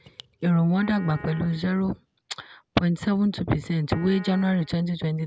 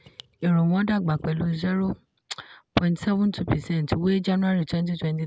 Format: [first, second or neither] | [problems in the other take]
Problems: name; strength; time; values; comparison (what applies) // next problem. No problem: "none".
second | background sound (Piano); 19 dB below the speech